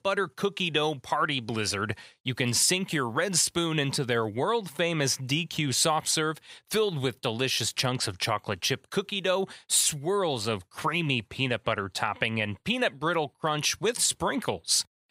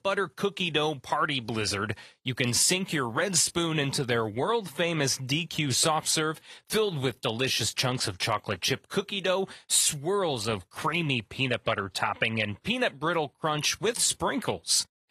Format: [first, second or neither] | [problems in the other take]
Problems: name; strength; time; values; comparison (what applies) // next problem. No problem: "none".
first | garbled, watery; slightly; nothing above 13.5 kHz